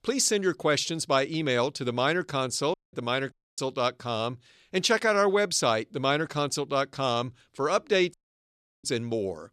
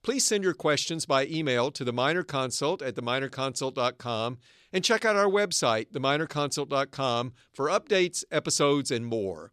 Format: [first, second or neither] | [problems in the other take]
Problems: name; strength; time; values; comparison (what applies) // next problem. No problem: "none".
second | audio cutting out; at 2.5 s, at 3.5 s and at 8 s for 0.5 s